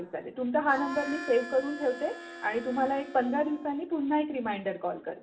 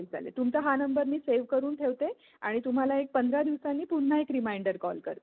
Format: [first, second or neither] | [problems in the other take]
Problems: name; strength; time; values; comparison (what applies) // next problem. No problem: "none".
second | background sound (Harmonica); 12 dB below the speech // room echo; dies away in 0.7 s